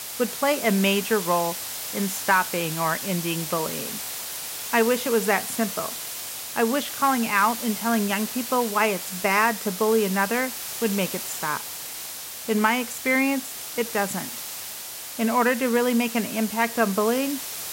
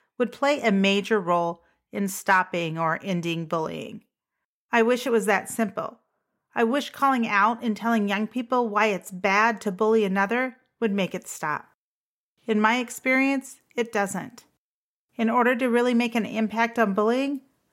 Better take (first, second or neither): second